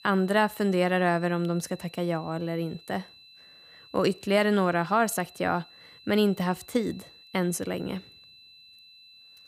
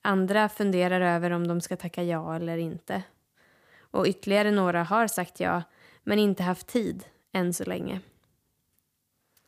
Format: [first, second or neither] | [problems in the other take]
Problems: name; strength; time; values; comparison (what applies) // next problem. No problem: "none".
second | high-pitched whine; faint; throughout; 4 kHz, 25 dB below the speech